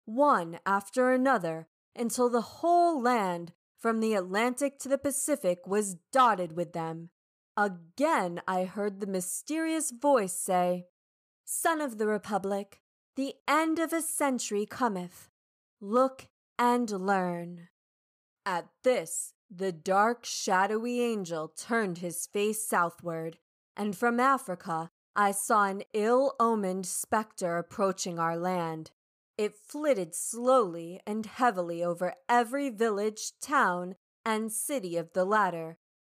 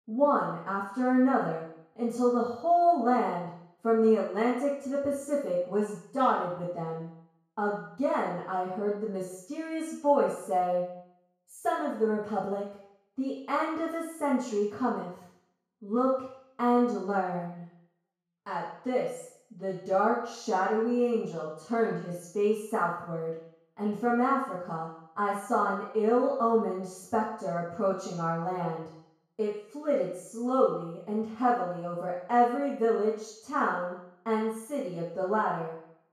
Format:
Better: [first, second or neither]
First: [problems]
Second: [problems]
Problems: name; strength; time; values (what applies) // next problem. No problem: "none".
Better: first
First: none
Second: room echo; noticeable; dies away in 0.7 s // off-mic speech; far